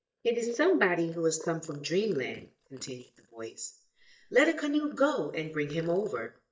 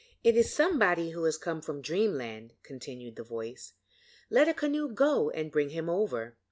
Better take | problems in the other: second | noise reduction (neural mask model DeepFilterNet 3)

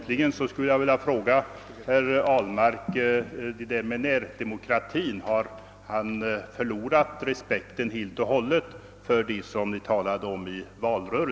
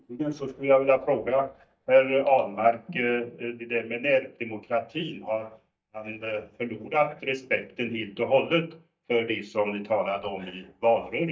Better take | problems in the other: first | noise reduction (neural mask model DeepFilterNet 3)

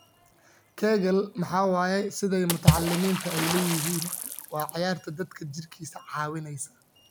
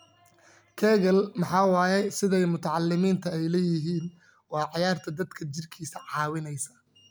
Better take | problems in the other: second | background sound (Water / Splash, splatter); 4 dB below the speech

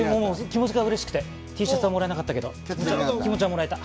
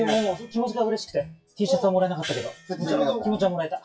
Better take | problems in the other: first | noise reduction (classical method WPE with log-MMSE)

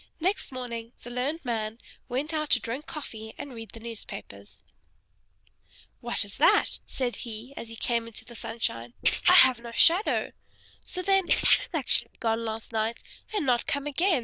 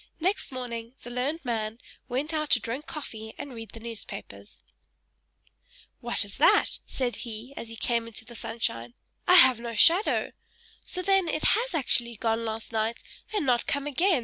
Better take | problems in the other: second | noise reduction (neural diffusion model UNIVERSE++)

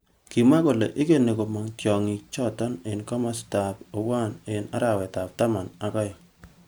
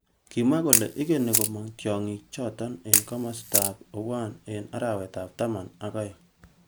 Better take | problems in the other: first | background sound (Camera); 1 dB above the speech

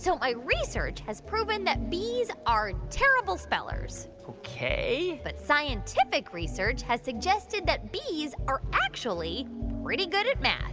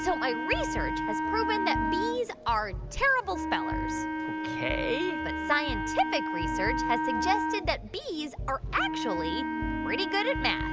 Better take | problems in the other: first | background sound (Wind instrument, woodwind instrument); 1 dB below the speech

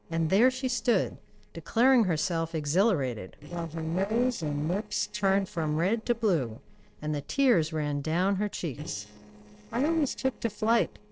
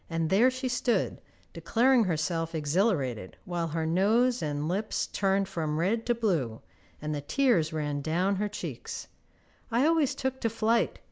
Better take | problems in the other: second | noise reduction (neural separator model SepFormer DNS4)

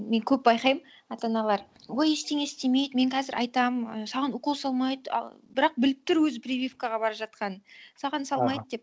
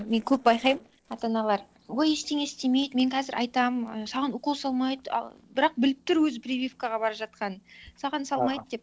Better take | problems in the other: first | noise reduction (neural separator model SepFormer DNS4)

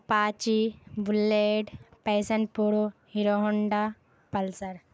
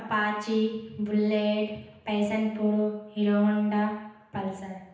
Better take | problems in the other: first | room echo; dies away in 0.9 s

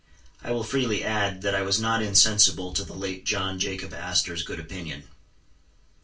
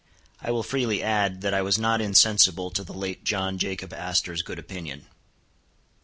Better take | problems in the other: second | room echo; dies away in 0.2 s

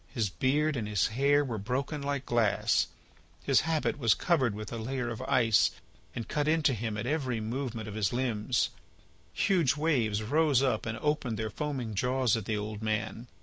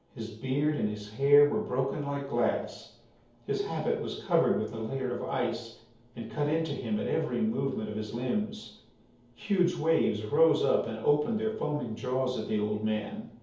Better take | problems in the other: first | room echo; dies away in 0.7 s

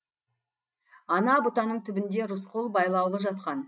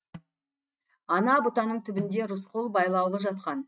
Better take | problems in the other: first | noise reduction (neural mask model RNNoise)

